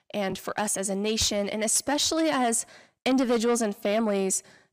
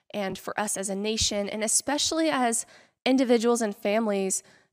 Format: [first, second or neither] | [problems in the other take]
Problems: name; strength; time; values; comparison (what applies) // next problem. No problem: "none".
second | distortion; slight; 10 dB below the speech